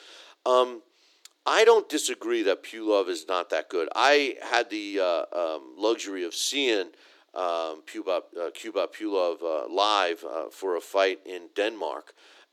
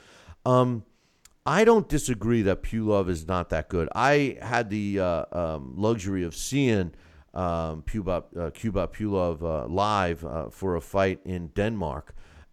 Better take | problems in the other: second | thin; very; fading below 300 Hz

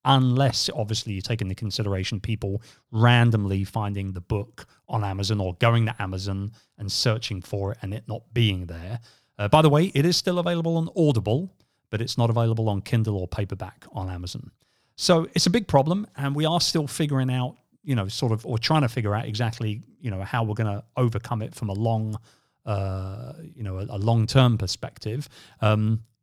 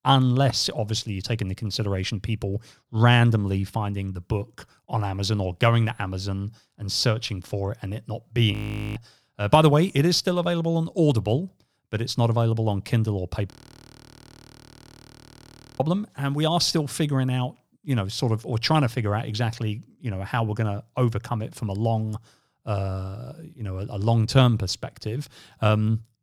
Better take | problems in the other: first | audio freezing; at 8.5 s and at 14 s for 2.5 s

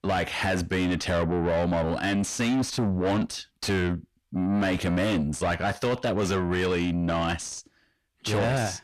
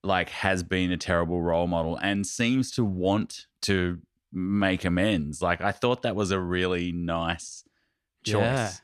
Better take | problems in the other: second | distortion; heavy; 7 dB below the speech

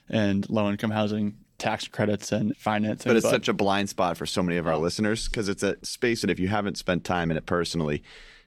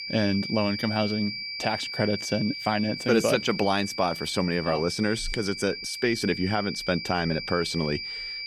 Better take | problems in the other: first | high-pitched whine; loud; throughout; 4.5 kHz, 6 dB below the speech

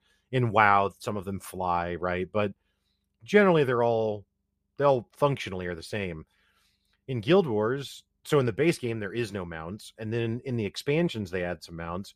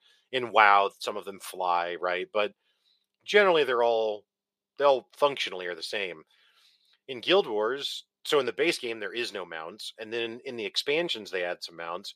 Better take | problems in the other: first | thin; very; fading below 500 Hz

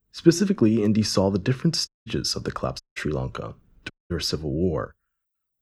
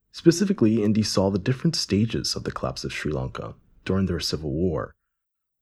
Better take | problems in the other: second | audio cutting out; at 2 s, at 3 s and at 4 s

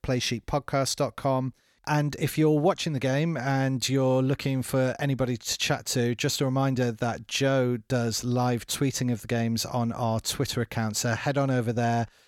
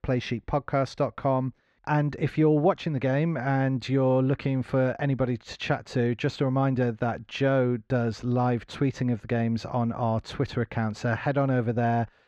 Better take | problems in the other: first | muffled; very; fading above 2 kHz

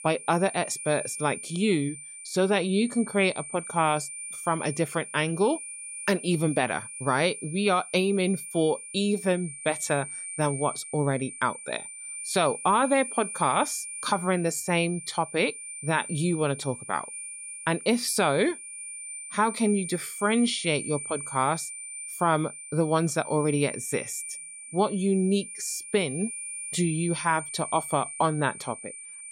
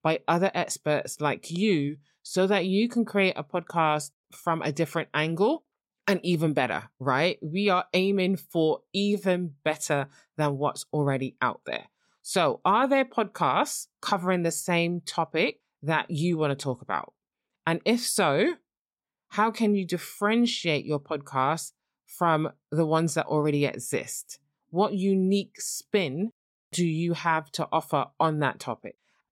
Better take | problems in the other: second | high-pitched whine; loud; throughout; 9.5 kHz, 9 dB below the speech

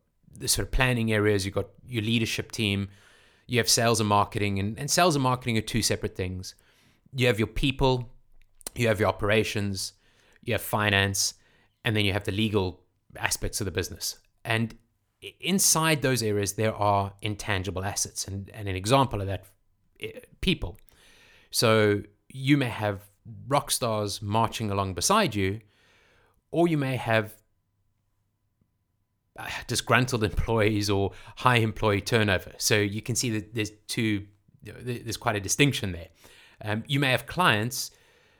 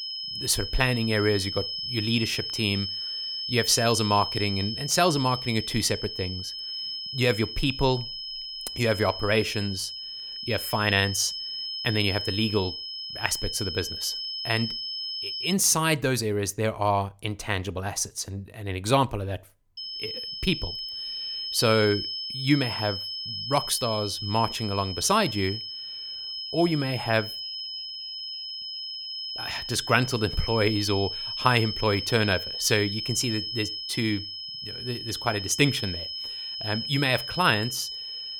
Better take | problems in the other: first | high-pitched whine; loud; until 16 s and from 20 s on; 5 kHz, 5 dB below the speech

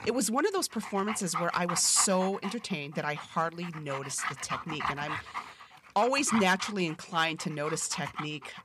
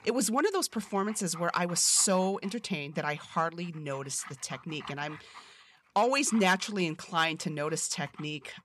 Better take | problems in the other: second | animal sounds; loud; throughout; 9 dB below the speech; faint in the second

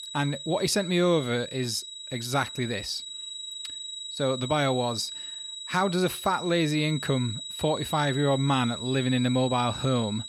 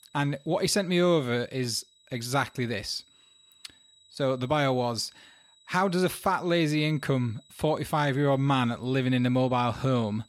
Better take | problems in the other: second | high-pitched whine; loud; throughout; 4 kHz, 9 dB below the speech; faint in the second

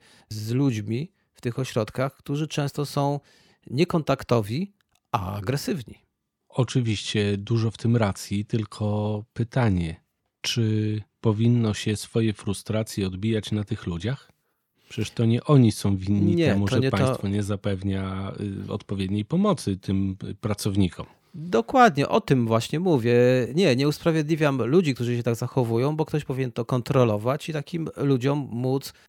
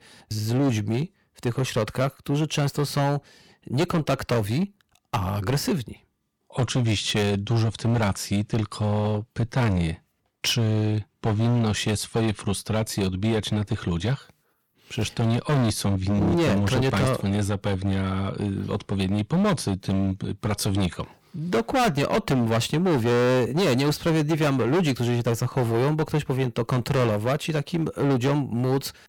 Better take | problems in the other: first | distortion; heavy; 16% of the sound clipped

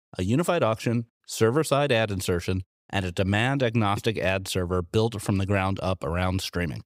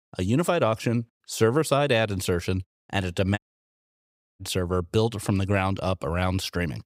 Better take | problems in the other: first | audio cutting out; at 3.5 s for 1 s

